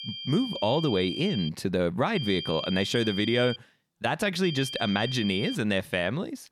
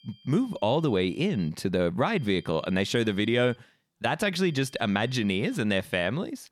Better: second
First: high-pitched whine; loud; until 1.5 s, from 2 to 3.5 s and from 4.5 to 5.5 s; 3 kHz, 8 dB below the speech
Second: high-pitched whine; faint; until 1.5 s, from 2 to 3.5 s and from 4.5 to 5.5 s; 3 kHz, 30 dB below the speech

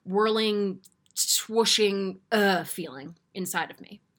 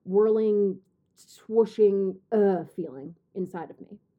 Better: first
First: none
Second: muffled; very; fading above 1.5 kHz

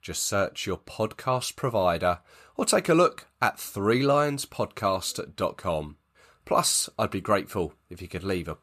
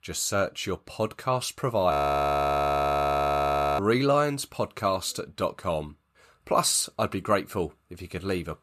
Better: first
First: none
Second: audio freezing; at 2 s for 2 s

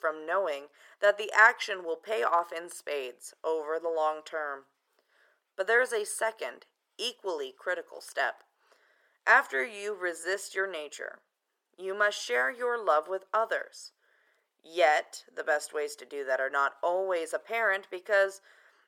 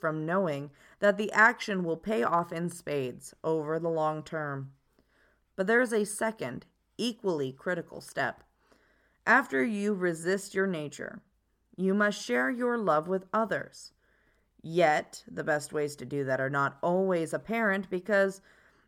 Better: second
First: thin; very; fading below 450 Hz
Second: none

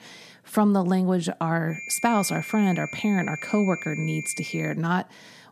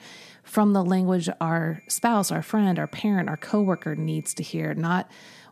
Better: second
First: high-pitched whine; loud; from 1.5 to 4.5 s; 2.5 kHz, 10 dB below the speech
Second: high-pitched whine; faint; from 1.5 to 4.5 s; 2.5 kHz, 30 dB below the speech

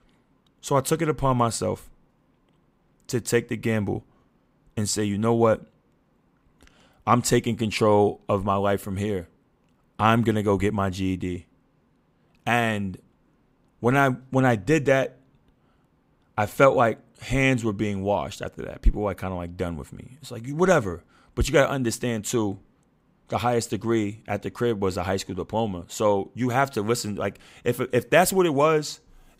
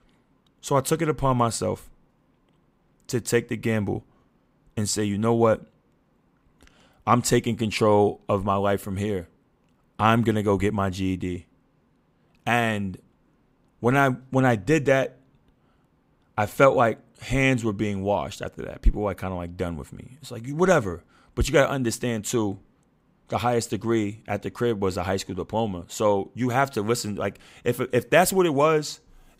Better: neither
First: none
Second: none

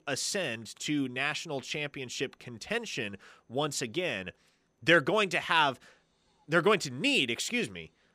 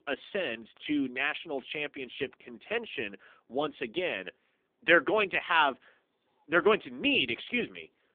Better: first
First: none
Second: phone-call audio; poor line; nothing above 3.5 kHz

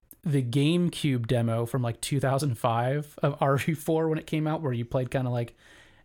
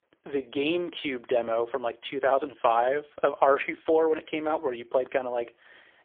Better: first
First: none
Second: phone-call audio; poor line; nothing above 3.5 kHz

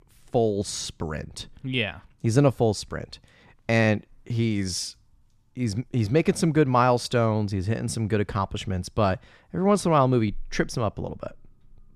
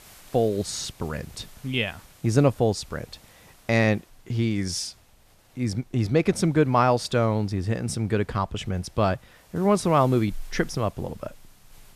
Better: first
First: none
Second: hiss; faint; throughout; 30 dB below the speech

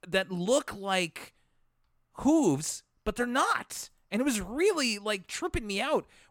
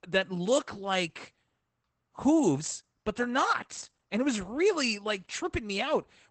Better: first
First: none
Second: garbled, watery; badly; nothing above 8 kHz

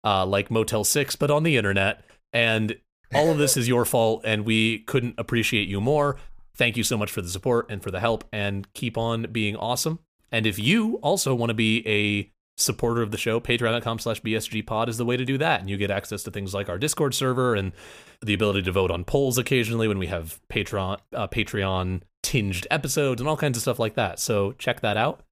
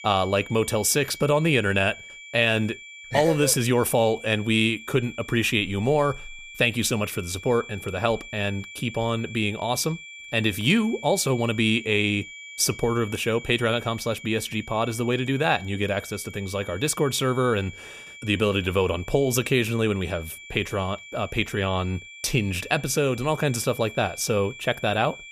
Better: first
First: none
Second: high-pitched whine; noticeable; throughout; 2.5 kHz, 15 dB below the speech

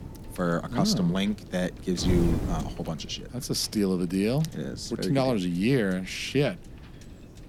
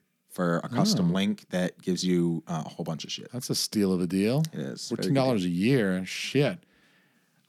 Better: second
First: wind noise on the microphone; occasional gusts; 15 dB below the speech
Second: none

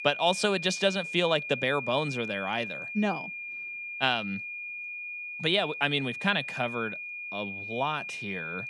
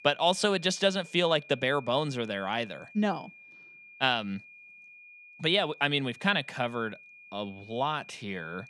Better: second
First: high-pitched whine; loud; throughout; 2.5 kHz, 6 dB below the speech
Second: high-pitched whine; faint; throughout; 2.5 kHz, 20 dB below the speech

